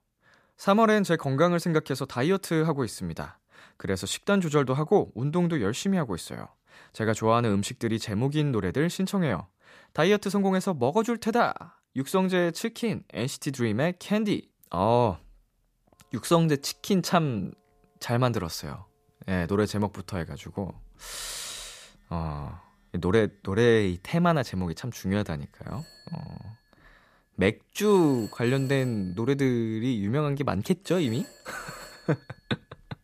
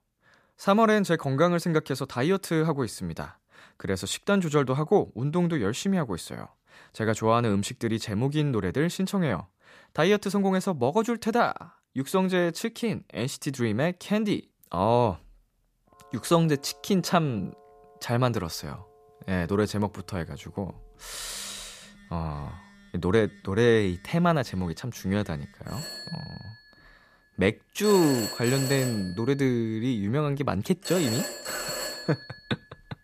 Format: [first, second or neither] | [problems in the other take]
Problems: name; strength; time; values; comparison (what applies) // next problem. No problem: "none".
first | alarms or sirens; loud; from 16 s on; 8 dB below the speech; faint in the first